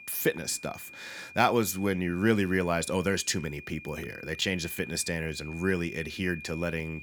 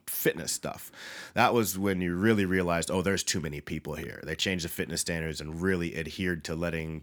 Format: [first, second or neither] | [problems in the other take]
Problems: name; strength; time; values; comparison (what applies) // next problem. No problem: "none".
second | high-pitched whine; noticeable; throughout; 2.5 kHz, 15 dB below the speech